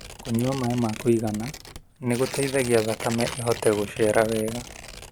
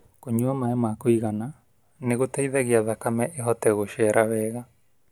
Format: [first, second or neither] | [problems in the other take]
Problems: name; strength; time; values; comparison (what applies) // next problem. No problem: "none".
second | background sound (Tearing); 12 dB below the speech